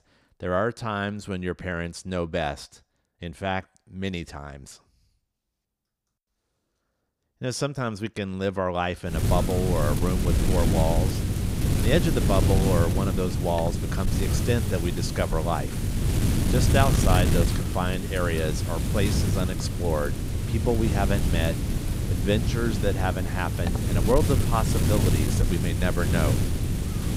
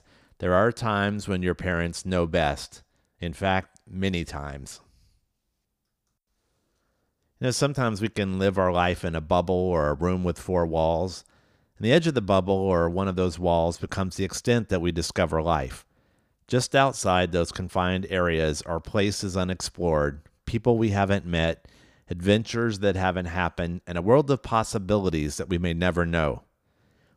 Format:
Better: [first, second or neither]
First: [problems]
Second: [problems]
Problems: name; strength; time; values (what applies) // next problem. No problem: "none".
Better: second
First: wind noise on the microphone; heavy; from 9 s on; 5 dB below the speech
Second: none